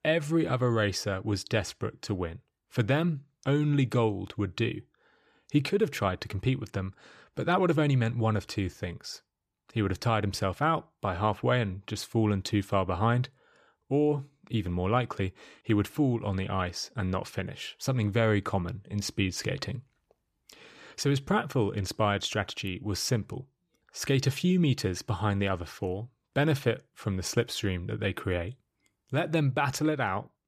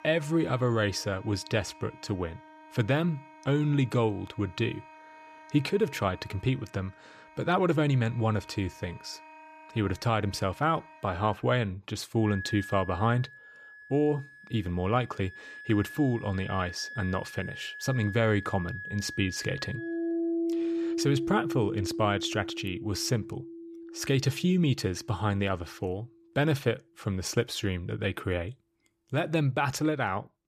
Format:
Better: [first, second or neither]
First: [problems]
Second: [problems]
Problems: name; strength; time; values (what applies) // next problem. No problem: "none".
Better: first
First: none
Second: background music; loud; throughout; 9 dB below the speech